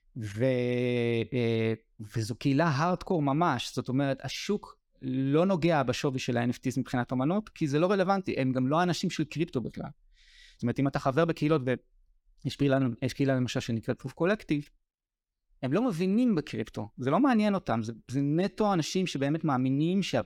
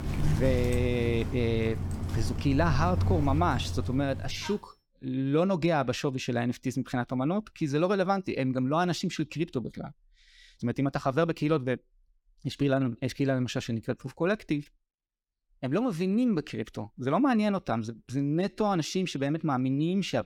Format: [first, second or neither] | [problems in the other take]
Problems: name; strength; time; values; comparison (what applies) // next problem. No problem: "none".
first | animal sounds; loud; until 4 s; 4 dB below the speech